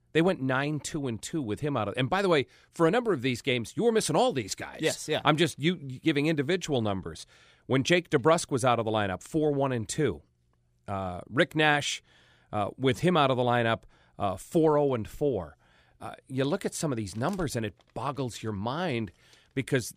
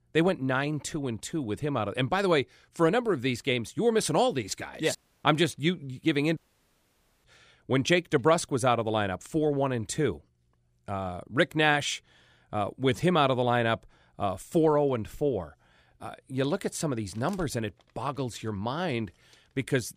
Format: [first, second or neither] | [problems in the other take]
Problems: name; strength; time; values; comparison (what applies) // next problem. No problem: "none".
first | audio cutting out; at 5 s and at 6.5 s for 1 s